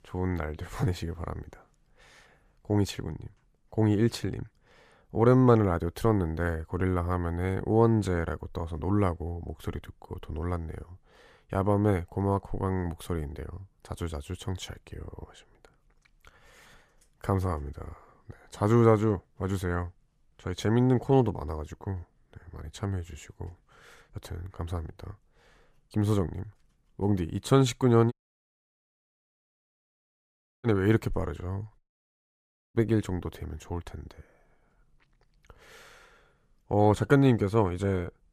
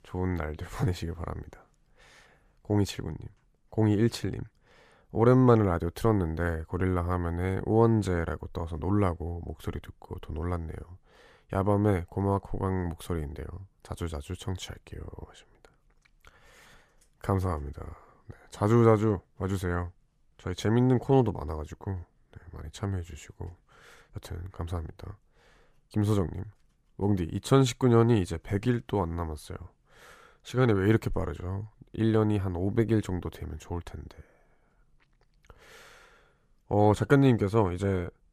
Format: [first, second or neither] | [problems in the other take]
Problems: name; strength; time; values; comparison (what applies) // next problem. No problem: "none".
second | audio cutting out; at 28 s for 2.5 s and at 32 s for 1 s